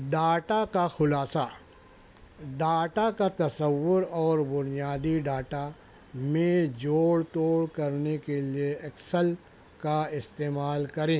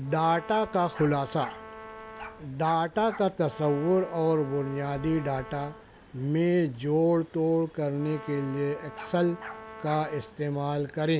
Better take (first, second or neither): first